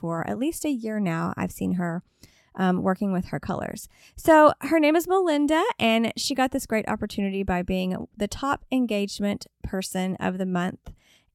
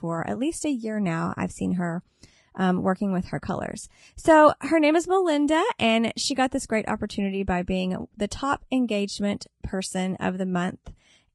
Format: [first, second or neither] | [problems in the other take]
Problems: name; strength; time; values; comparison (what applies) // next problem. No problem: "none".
first | garbled, watery; slightly; nothing above 10.5 kHz